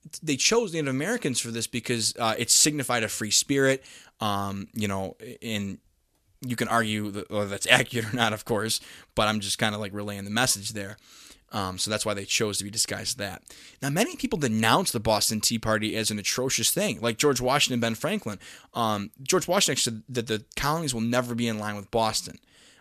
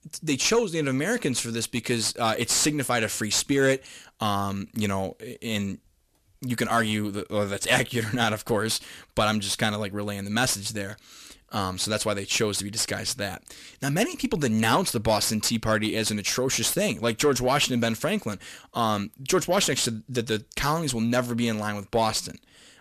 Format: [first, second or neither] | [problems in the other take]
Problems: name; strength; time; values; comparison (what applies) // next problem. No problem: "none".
first | distortion; slight; 10 dB below the speech